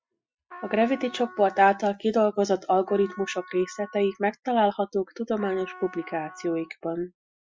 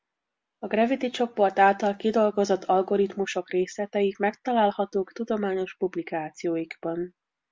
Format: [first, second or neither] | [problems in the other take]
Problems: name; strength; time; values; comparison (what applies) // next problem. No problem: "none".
second | noise reduction (classical method Wiener filter)